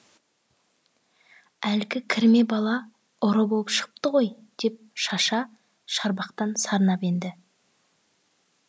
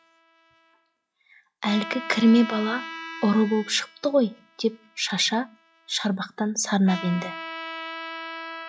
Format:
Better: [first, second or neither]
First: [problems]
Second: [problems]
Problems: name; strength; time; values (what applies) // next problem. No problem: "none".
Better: first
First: none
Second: noise reduction (classical method log-MMSE)